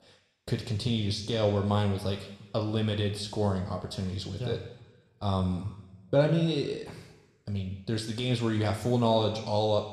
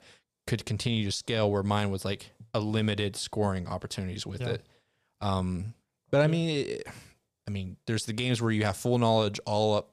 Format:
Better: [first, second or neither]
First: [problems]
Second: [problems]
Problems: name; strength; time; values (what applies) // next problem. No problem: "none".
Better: second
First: room echo; slight; dies away in 1.1 s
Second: none